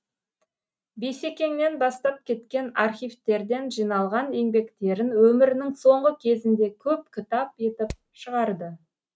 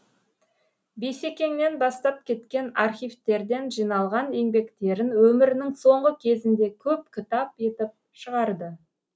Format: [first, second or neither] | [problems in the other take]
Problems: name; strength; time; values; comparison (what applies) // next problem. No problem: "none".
second | noise reduction (neural mask model RNNoise)